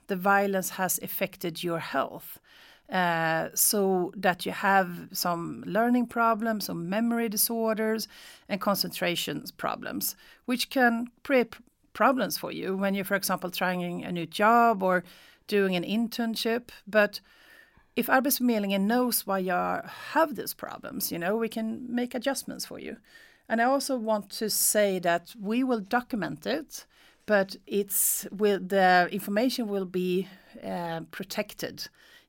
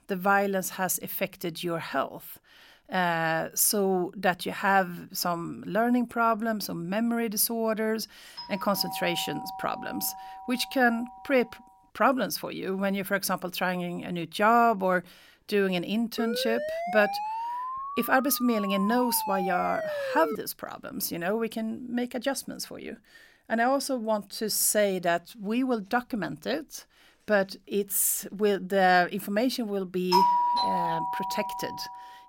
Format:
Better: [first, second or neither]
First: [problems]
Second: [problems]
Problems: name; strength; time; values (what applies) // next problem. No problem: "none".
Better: first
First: none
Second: doorbell; noticeable; from 8.5 to 12 s; peak 9 dB below the speech // siren; noticeable; from 16 to 20 s; peak 4 dB below the speech // doorbell; loud; from 30 to 32 s; peak 5 dB above the speech